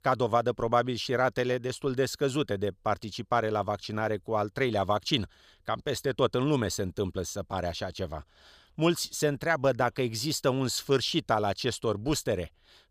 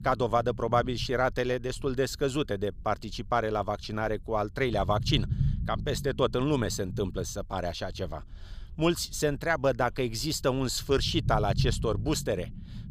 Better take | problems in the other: first | low rumble; noticeable; throughout; 20 dB below the speech

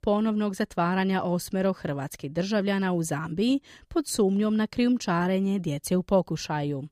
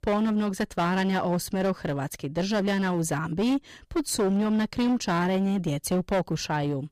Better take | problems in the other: first | distortion; slight; 17% of the sound clipped

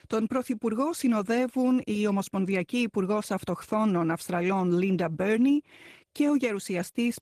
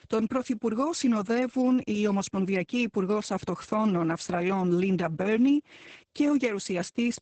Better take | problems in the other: first | garbled, watery; badly; nothing above 8 kHz; slightly in the first

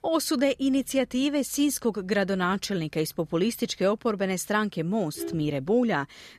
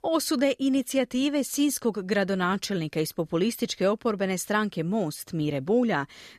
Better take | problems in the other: second | traffic noise; noticeable; throughout; 15 dB below the speech

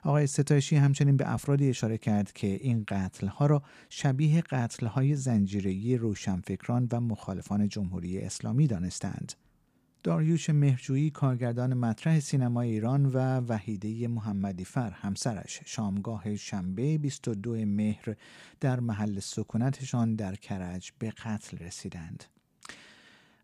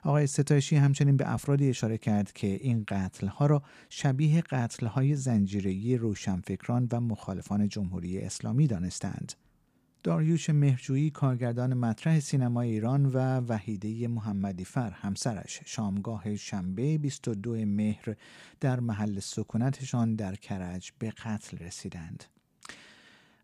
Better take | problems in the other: neither | none

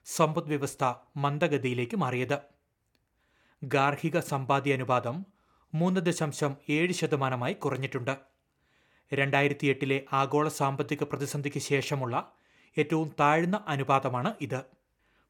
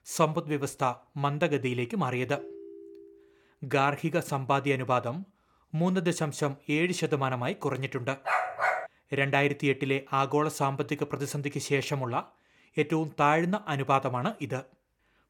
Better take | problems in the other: first | phone ringing; faint; at 2.5 s; peak 15 dB below the speech // dog barking; loud; at 8.5 s; peak 1 dB above the speech

